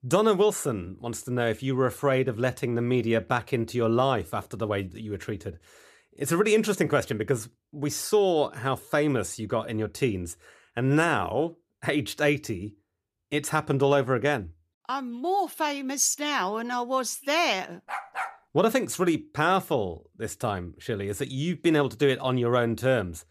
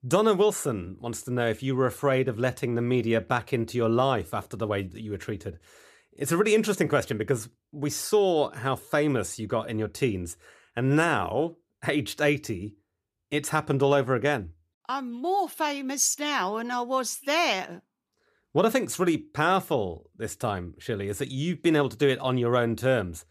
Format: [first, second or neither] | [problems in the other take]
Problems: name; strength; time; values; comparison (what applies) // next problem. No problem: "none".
second | dog barking; noticeable; at 18 s; peak 6 dB below the speech